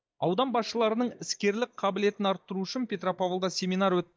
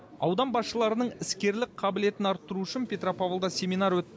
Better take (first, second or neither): second